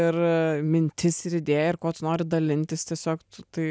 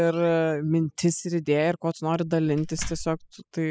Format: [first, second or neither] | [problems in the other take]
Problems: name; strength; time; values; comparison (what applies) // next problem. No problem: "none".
first | noise reduction (classical method spectral subtraction)